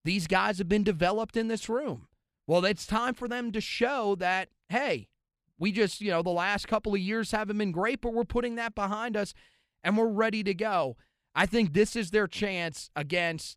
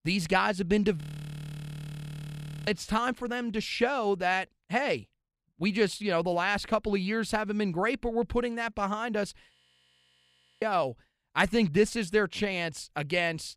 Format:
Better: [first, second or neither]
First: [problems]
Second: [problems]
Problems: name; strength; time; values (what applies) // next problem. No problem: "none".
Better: first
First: none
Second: audio freezing; at 1 s for 1.5 s and at 9.5 s for 1 s